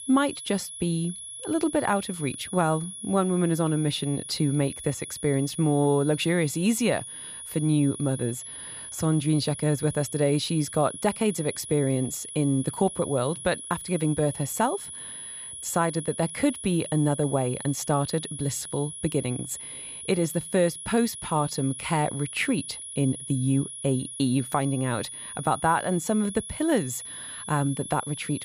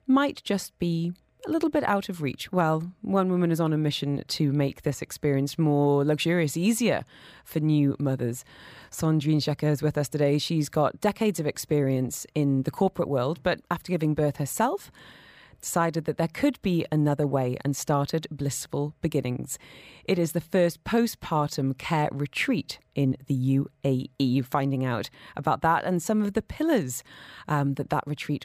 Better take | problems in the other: second | high-pitched whine; loud; throughout; 10.5 kHz, 9 dB below the speech

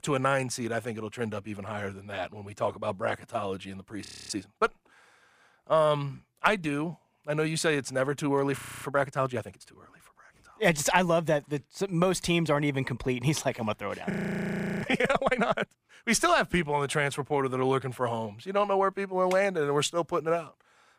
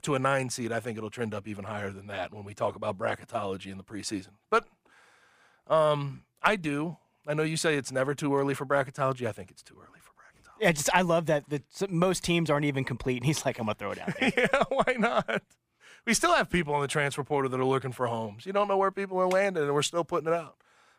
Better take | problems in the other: second | audio freezing; at 4 s, at 8.5 s and at 14 s for 0.5 s

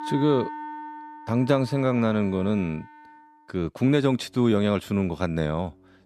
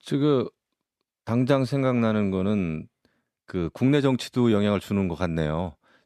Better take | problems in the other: second | background music; noticeable; throughout; 15 dB below the speech

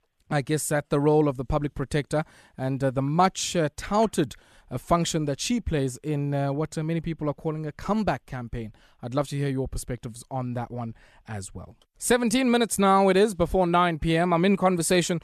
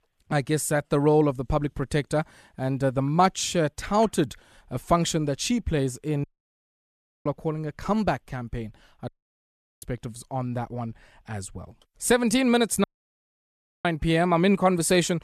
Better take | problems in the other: first | audio cutting out; at 6 s for 1 s, at 9 s for 0.5 s and at 13 s for 1 s

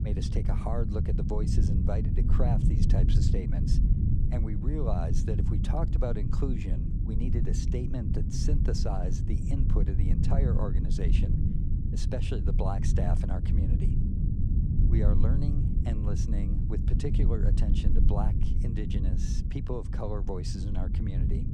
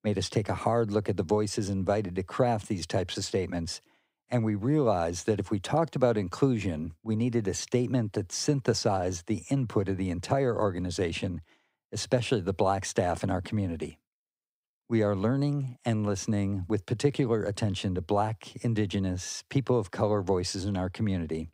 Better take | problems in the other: second | low rumble; loud; throughout; 2 dB below the speech

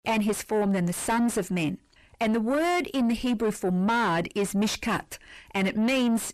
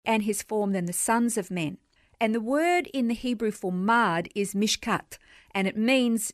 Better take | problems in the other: second | distortion; heavy; 7 dB below the speech

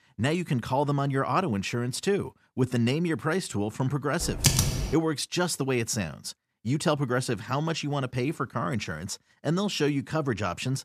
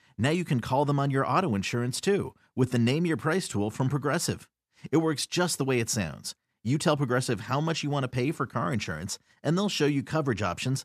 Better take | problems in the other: second | keyboard typing; loud; at 4 s; peak 5 dB above the speech

